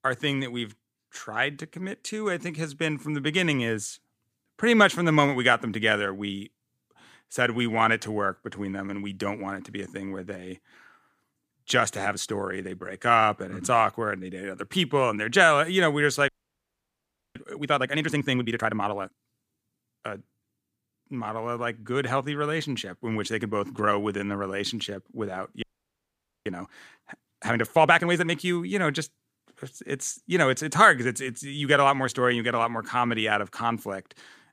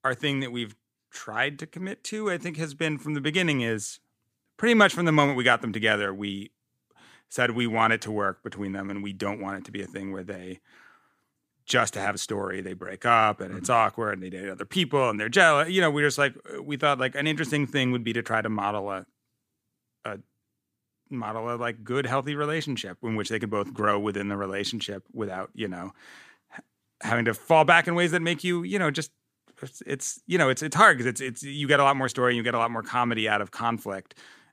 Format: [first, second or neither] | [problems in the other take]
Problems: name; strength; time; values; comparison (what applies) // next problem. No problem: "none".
second | audio freezing; at 16 s for 1 s and at 26 s for 1 s